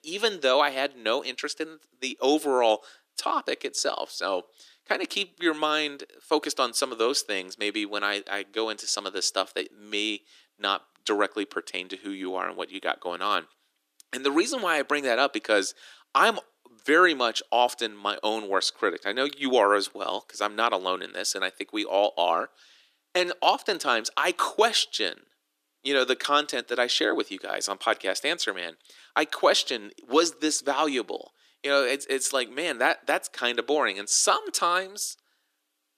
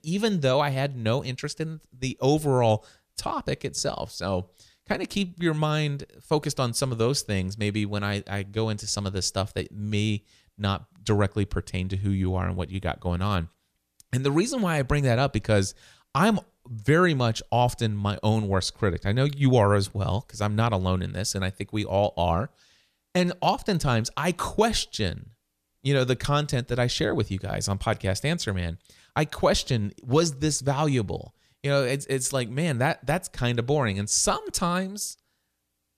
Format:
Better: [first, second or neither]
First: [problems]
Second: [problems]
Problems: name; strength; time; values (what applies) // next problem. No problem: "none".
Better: second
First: thin; very; fading below 300 Hz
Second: none